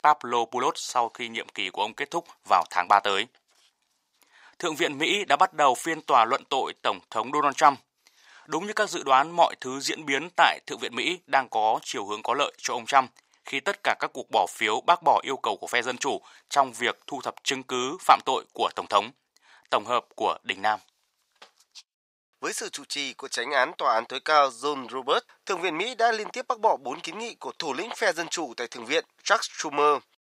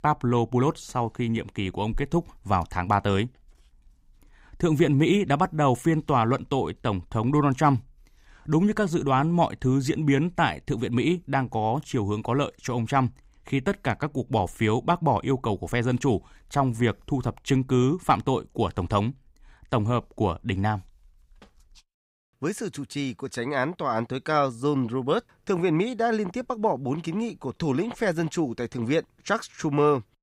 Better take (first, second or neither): second